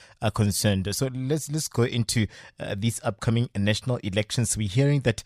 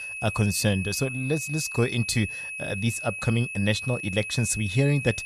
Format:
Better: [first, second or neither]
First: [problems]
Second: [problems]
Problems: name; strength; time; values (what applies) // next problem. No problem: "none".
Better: first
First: none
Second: high-pitched whine; loud; throughout; 2.5 kHz, 6 dB below the speech